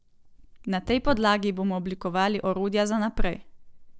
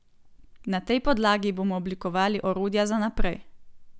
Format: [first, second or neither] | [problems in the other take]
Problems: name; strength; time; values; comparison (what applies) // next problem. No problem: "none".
second | noise reduction (neural separator model SepFormer DNS4)